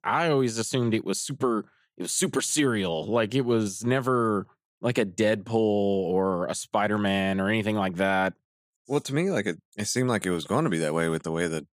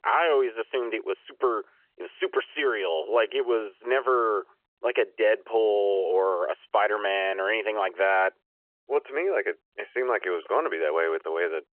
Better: first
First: none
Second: phone-call audio; nothing above 3 kHz

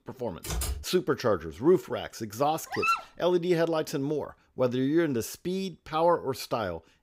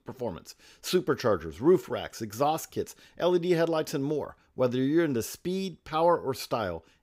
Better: second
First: keyboard typing; noticeable; at 0.5 s; peak 4 dB below the speech // dog barking; loud; at 2.5 s; peak 1 dB above the speech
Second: none

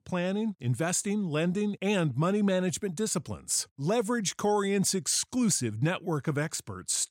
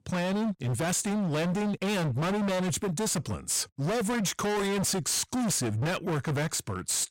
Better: first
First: none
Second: distortion; heavy; 43% of the sound clipped

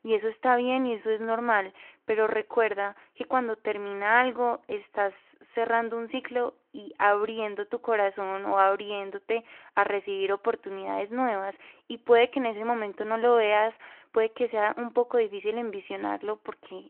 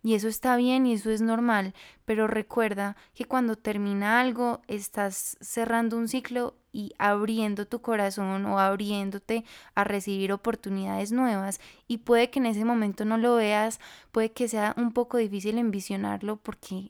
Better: second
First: phone-call audio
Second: none

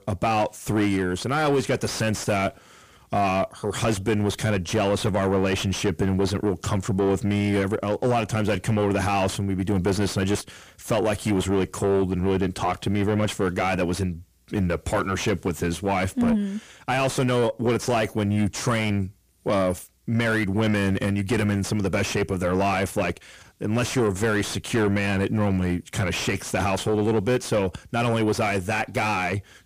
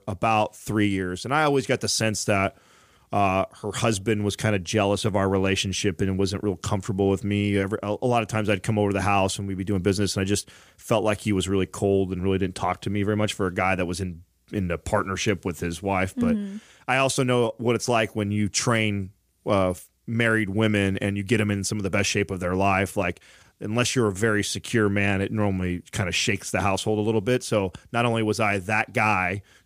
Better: second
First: distortion; heavy; 7 dB below the speech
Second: none

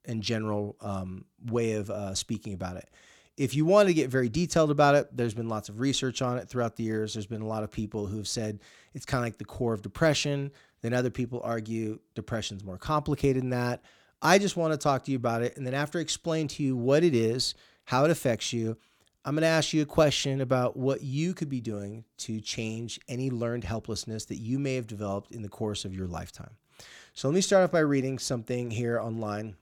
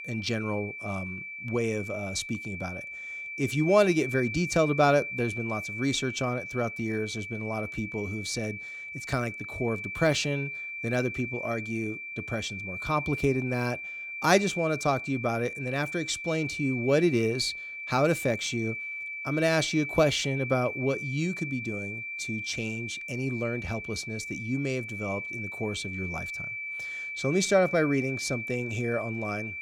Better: first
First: none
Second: high-pitched whine; loud; throughout; 2.5 kHz, 6 dB below the speech

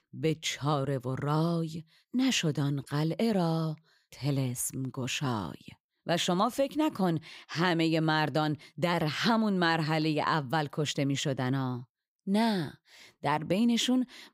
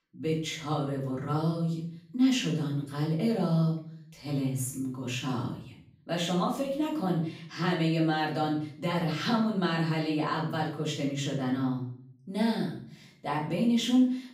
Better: first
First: none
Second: off-mic speech; far // room echo; noticeable; dies away in 0.5 s

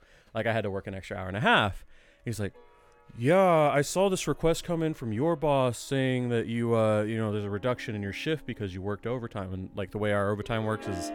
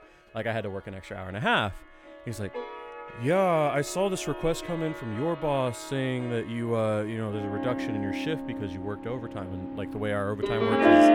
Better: first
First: background music; faint; throughout; 25 dB below the speech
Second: background music; loud; throughout; 2 dB below the speech

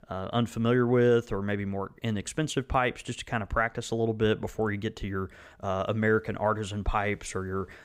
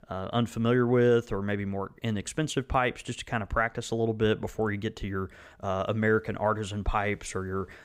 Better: neither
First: none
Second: none

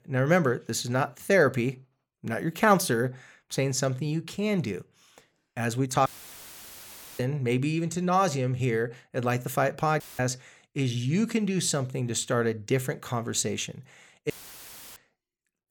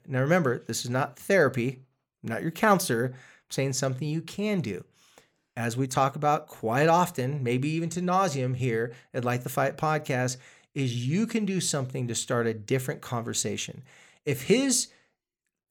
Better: second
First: audio cutting out; filled with static; at 6 s for 1 s, at 10 s and at 14 s for 0.5 s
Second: none

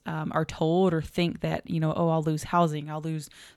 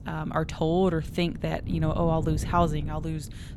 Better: first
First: none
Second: wind noise on the microphone; occasional gusts; 20 dB below the speech

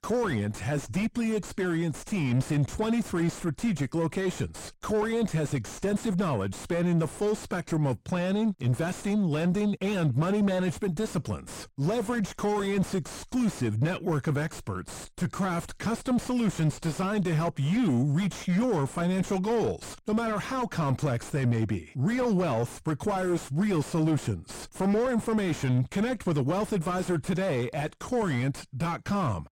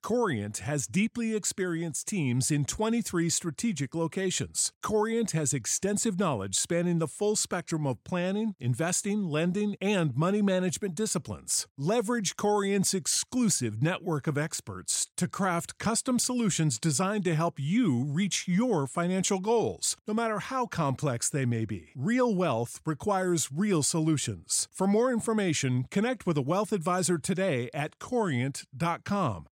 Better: second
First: distortion; heavy; 4 dB below the speech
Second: none

